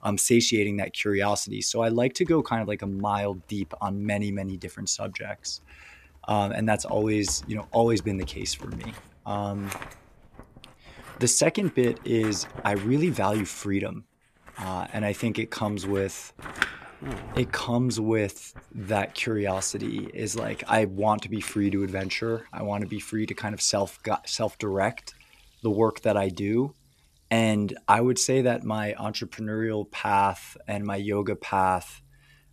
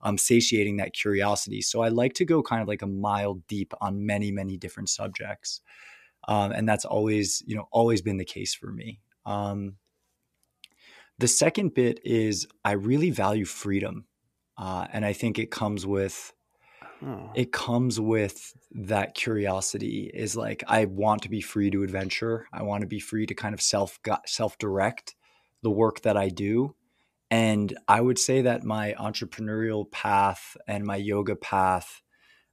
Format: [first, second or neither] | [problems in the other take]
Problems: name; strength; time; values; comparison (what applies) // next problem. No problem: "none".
second | household noises; noticeable; throughout; 15 dB below the speech